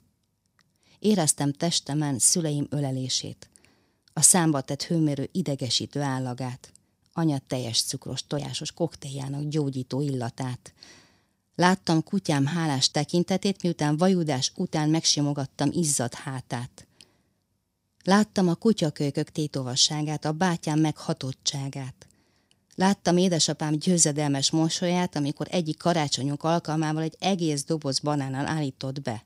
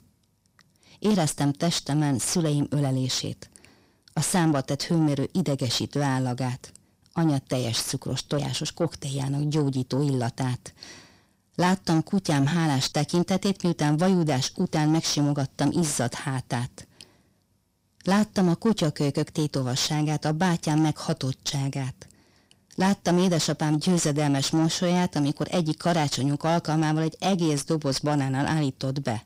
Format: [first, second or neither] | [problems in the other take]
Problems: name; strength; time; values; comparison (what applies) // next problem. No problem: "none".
first | distortion; heavy; 8 dB below the speech